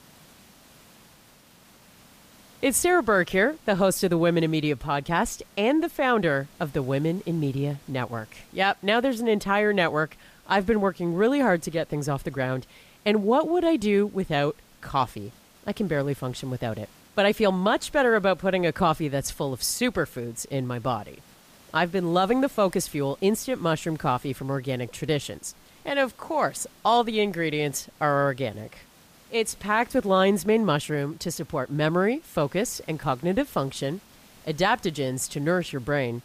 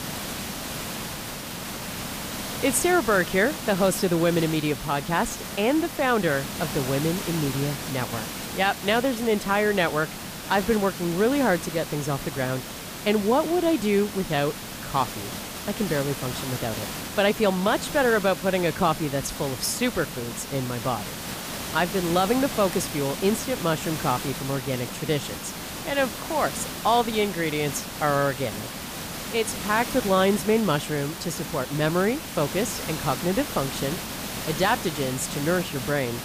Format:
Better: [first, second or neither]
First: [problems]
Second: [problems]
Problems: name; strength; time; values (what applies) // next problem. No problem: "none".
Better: first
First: hiss; faint; throughout; 30 dB below the speech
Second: hiss; loud; throughout; 7 dB below the speech